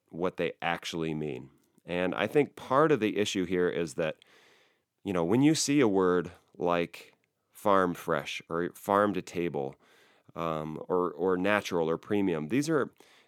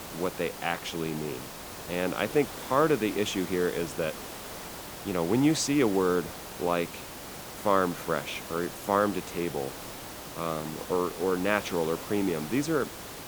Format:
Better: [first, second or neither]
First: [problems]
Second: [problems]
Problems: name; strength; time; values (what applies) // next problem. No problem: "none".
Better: first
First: none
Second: hiss; noticeable; throughout; 10 dB below the speech